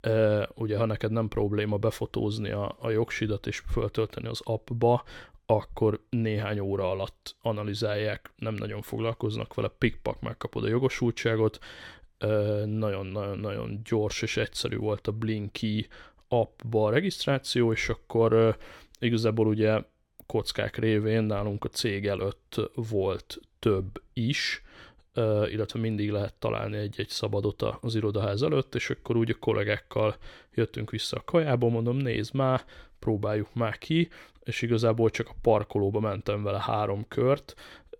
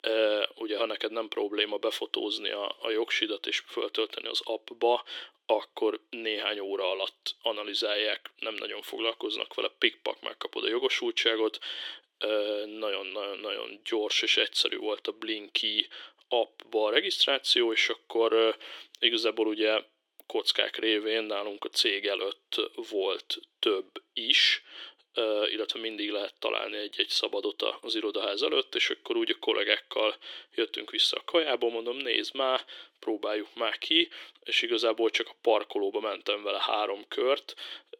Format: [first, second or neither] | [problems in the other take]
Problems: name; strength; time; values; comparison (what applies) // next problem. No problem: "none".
first | thin; very; fading below 350 Hz